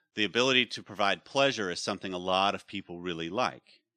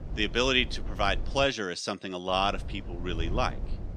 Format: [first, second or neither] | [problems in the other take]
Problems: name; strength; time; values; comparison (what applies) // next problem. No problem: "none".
first | low rumble; faint; until 1.5 s and from 2.5 s on; 20 dB below the speech